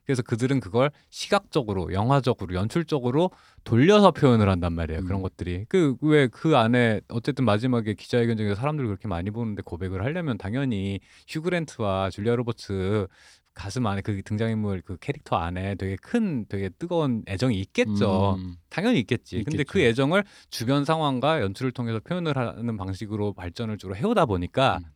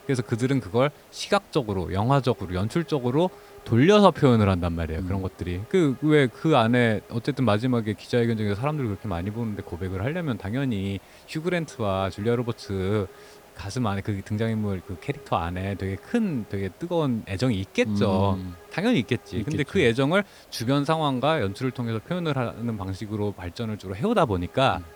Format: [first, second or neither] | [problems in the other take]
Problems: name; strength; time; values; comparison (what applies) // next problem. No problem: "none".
first | hiss; faint; throughout; 25 dB below the speech